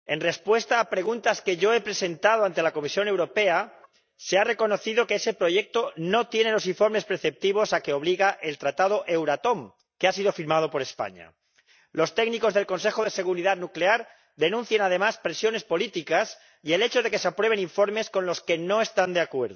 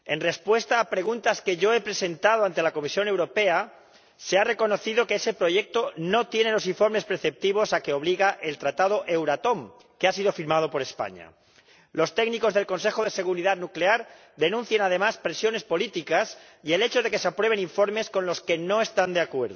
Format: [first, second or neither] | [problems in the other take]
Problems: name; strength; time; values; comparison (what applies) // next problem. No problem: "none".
second | noise reduction (neural mask model DeepFilterNet 3)